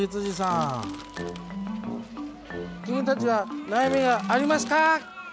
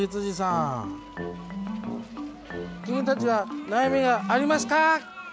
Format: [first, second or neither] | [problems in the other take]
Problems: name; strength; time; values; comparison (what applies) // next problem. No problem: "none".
second | background sound (Crushing); 19 dB below the speech